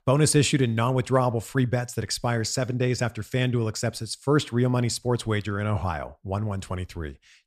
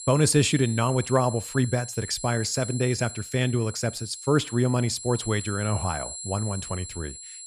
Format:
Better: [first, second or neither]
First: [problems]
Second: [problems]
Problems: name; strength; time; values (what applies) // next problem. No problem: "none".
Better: first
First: none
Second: high-pitched whine; noticeable; throughout; 7.5 kHz, 10 dB below the speech